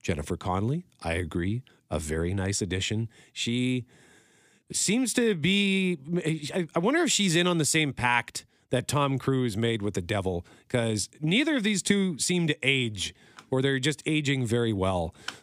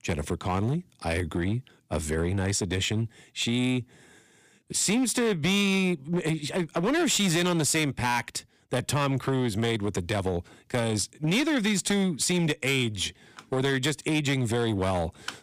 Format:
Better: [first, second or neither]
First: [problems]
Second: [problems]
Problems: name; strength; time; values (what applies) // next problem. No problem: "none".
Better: first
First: none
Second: distortion; slight; 11% of the sound clipped